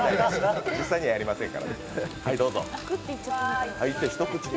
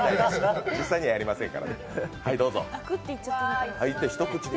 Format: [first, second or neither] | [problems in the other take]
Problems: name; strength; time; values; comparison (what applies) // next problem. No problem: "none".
second | background sound (Printer); 15 dB below the speech